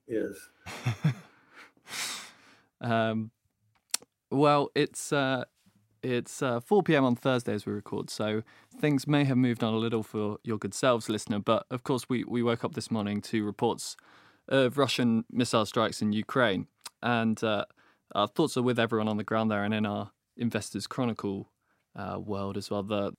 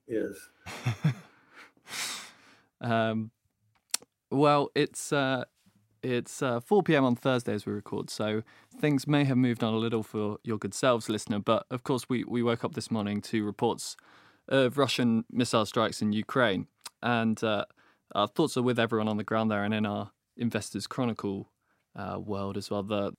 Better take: neither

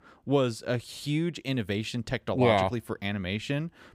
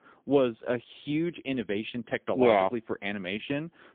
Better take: first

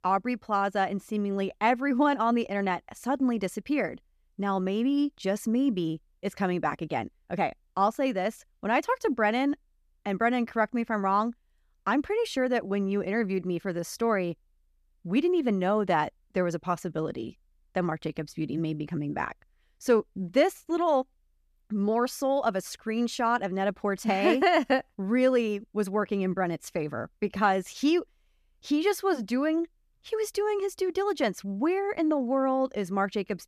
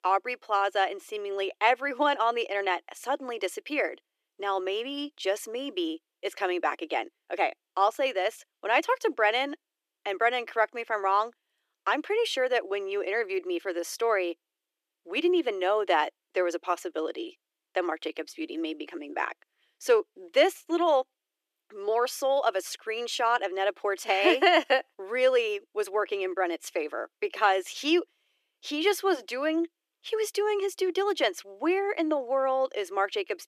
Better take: first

